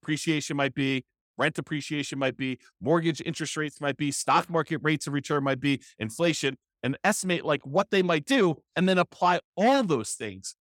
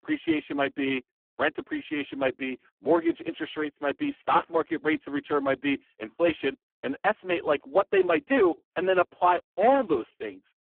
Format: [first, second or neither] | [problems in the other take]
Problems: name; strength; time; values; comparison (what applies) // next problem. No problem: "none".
first | phone-call audio; poor line